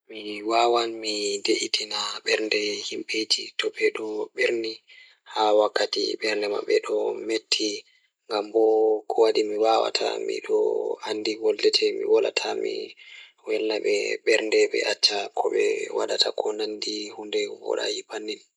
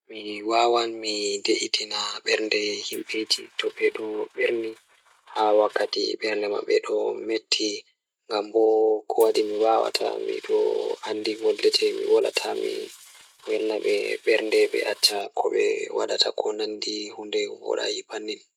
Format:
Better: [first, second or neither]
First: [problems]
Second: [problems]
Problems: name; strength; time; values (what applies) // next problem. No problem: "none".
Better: first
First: none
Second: noise reduction (neural mask model RNNoise)